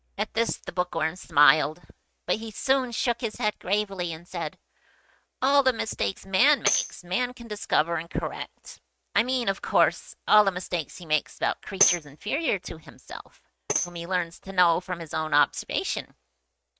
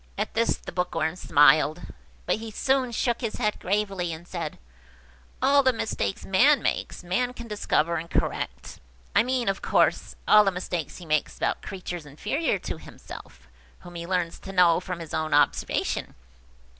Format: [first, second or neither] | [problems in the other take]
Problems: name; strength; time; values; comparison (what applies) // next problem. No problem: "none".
second | noise reduction (neural mask model RNNoise)